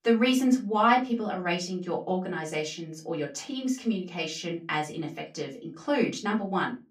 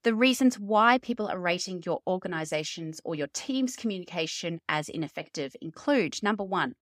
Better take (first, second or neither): second